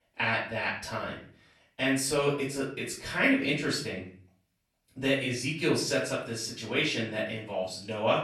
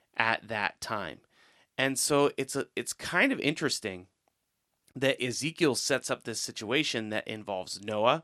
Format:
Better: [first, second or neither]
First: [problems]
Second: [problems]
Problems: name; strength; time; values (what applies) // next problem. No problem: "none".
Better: second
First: off-mic speech; far // room echo; noticeable; dies away in 0.5 s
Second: none